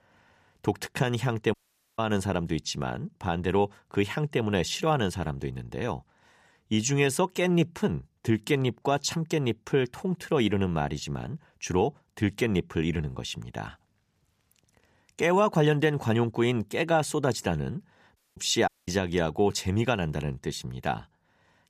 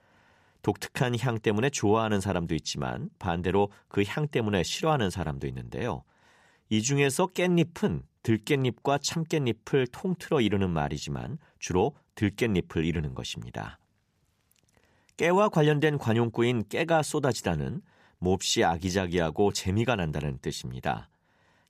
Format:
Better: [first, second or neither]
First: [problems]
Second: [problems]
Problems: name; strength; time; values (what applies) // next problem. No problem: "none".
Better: second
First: audio cutting out; at 1.5 s, at 18 s and at 19 s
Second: none